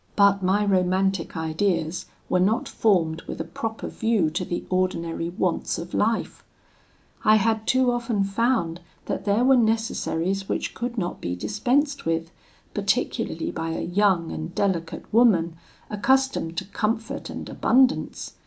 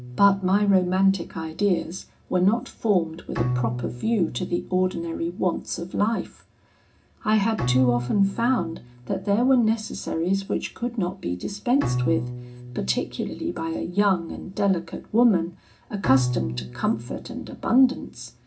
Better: first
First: none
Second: background sound (Bowed string instrument); 10 dB below the speech // room echo; dies away in 0.4 s

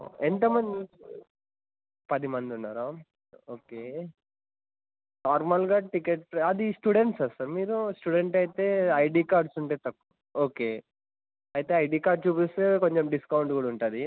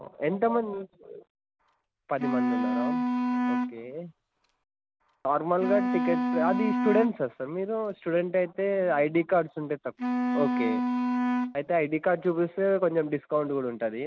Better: first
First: none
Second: background sound (Wind instrument, woodwind instrument); 1 dB below the speech

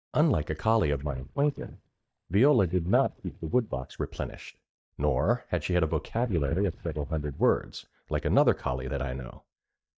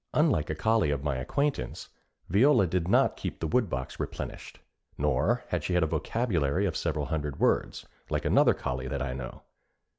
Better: second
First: noise reduction (neural mask model DeepFilterNet 3)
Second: none

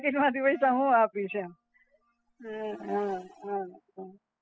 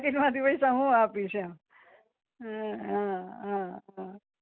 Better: second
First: noise reduction (classical method spectral subtraction)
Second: none

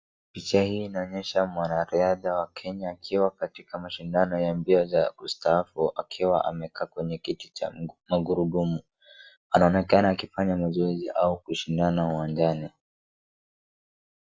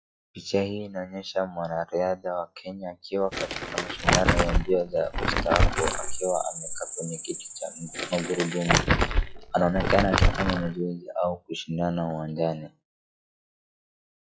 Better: first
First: none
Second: noise reduction (classical method log-MMSE)

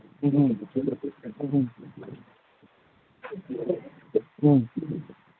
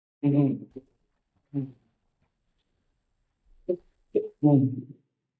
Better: first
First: none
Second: noise reduction (neural mask model DeepFilterNet 3)

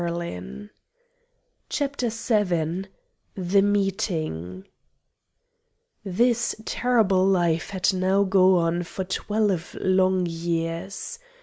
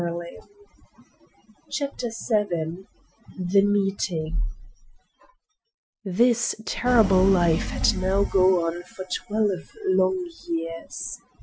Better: first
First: none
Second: noise reduction (classical method Wiener filter)

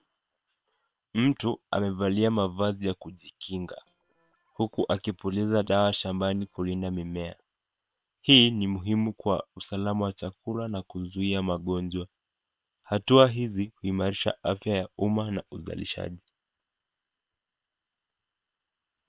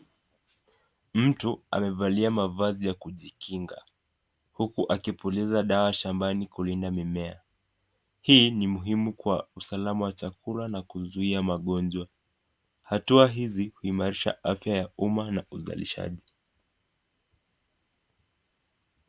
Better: second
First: noise reduction (neural separator model SepFormer WHAM!)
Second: none

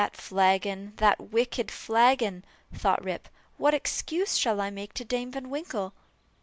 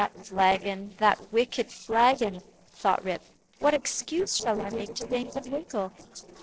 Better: first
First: none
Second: noise reduction (neural separator model SepFormer DNS4)

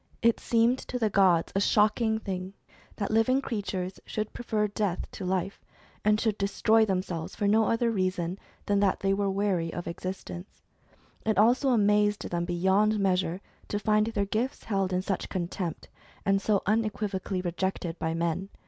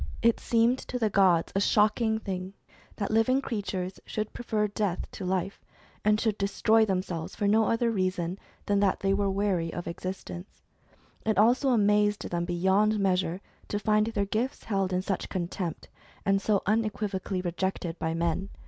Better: first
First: none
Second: background sound (Bass drum); 17 dB below the speech

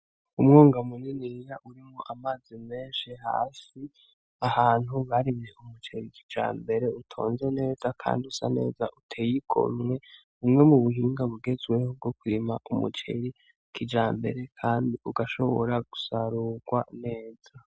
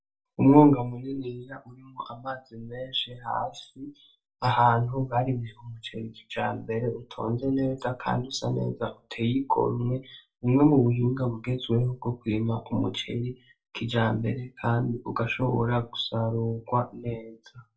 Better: first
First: none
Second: room echo; dies away in 0.2 s

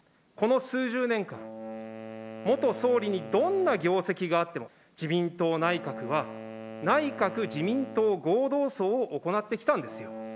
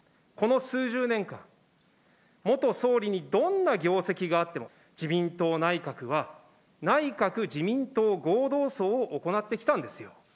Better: second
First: background sound (Wind instrument, woodwind instrument); 14 dB below the speech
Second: none

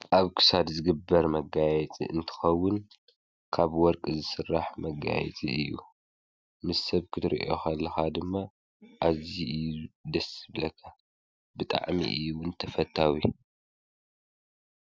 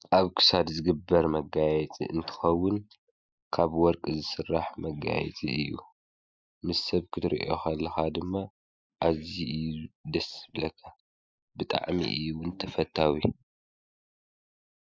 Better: first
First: none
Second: noise reduction (neural mask model Resemble Enhance denoiser)

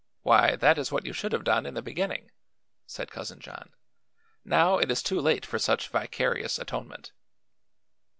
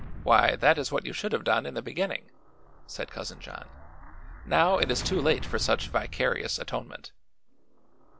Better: first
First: none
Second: background sound (Explosion); 11 dB below the speech

